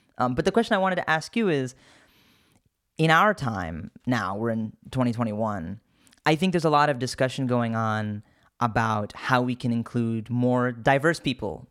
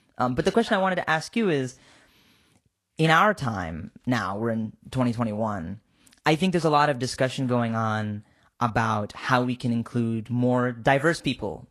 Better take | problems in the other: first | garbled, watery; slightly; nothing above 12 kHz

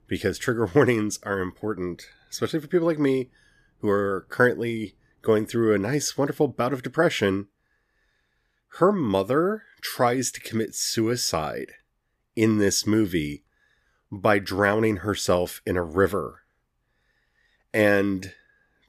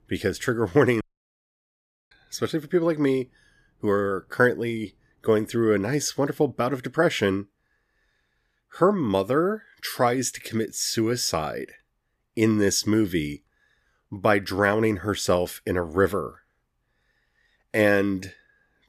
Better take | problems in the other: first | audio cutting out; at 1 s for 1 s

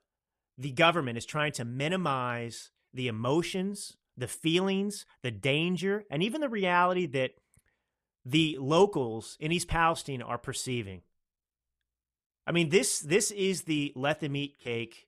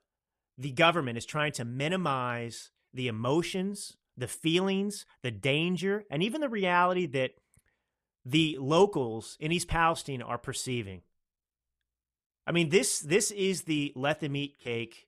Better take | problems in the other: neither | none

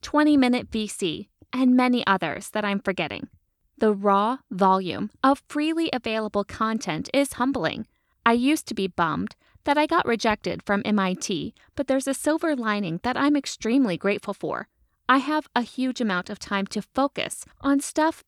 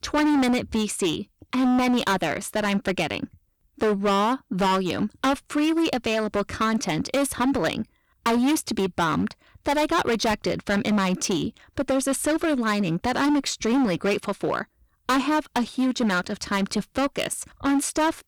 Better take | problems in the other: first | distortion; heavy; 17% of the sound clipped

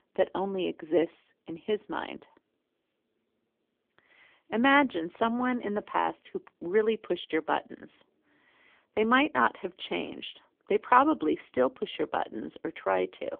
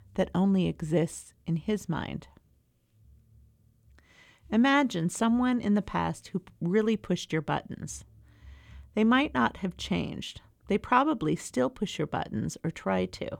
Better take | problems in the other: second | phone-call audio; poor line; nothing above 3.5 kHz

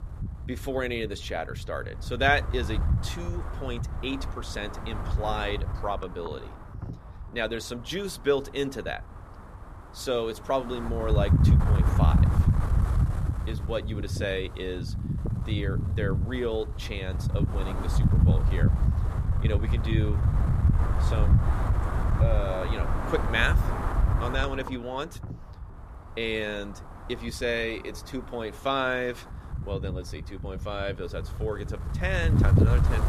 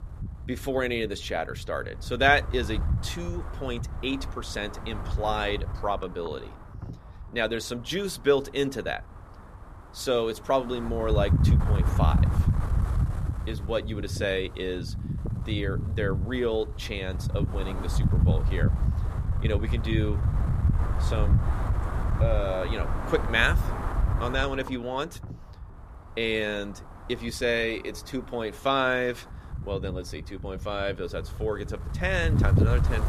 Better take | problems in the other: second | wind noise on the microphone; heavy; 7 dB below the speech; occasional gusts in the second

